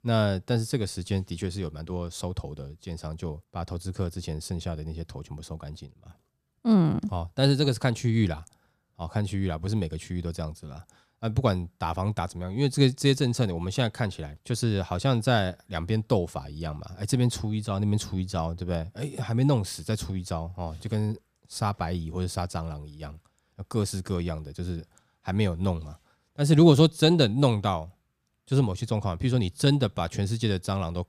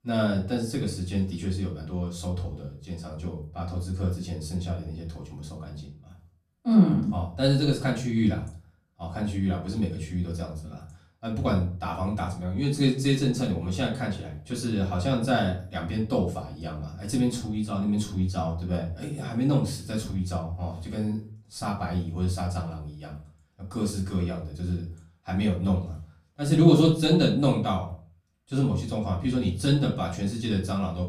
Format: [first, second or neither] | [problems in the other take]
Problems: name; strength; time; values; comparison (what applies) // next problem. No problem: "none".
first | off-mic speech; far // room echo; slight; dies away in 0.4 s